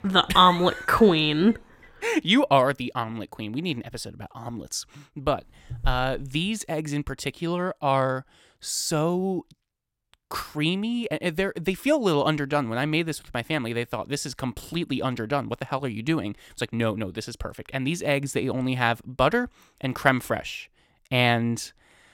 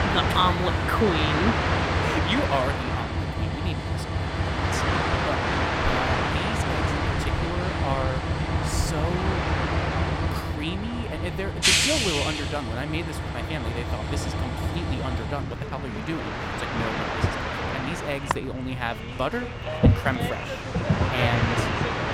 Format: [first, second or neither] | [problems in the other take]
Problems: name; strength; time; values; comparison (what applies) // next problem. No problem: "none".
first | train or aircraft noise; very loud; throughout; 5 dB above the speech